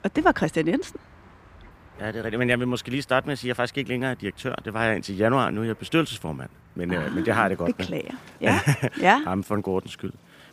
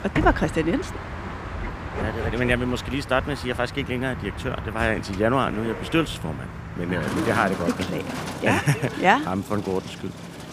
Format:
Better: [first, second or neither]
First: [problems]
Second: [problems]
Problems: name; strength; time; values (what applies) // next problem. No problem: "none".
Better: first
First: traffic noise; faint; throughout; 25 dB below the speech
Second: traffic noise; loud; throughout; 8 dB below the speech